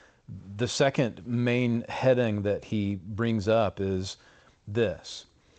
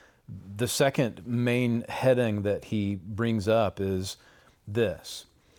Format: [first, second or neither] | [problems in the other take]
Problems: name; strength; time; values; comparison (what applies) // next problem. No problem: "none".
second | garbled, watery; slightly; nothing above 8 kHz